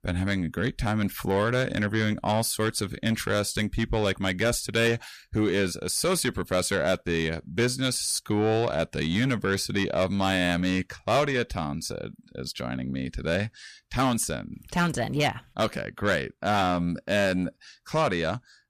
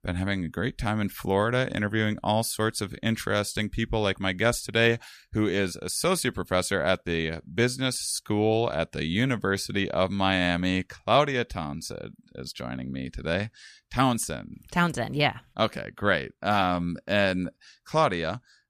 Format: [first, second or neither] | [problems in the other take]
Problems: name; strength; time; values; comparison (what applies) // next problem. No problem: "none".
second | distortion; slight; 10 dB below the speech